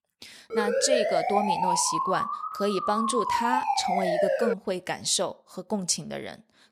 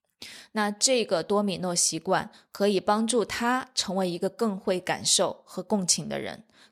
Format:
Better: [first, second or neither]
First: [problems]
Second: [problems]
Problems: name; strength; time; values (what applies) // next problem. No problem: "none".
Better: second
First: siren; loud; from 0.5 to 4.5 s; peak 4 dB above the speech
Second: none